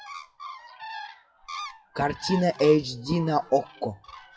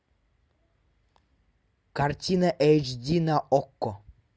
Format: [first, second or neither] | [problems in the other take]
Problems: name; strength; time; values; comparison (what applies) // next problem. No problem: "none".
second | noise reduction (classical method WPE with log-MMSE)